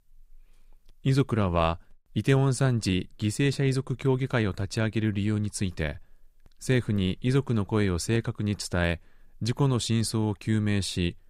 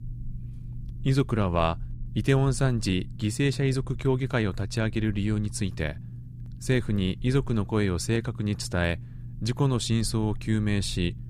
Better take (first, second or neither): first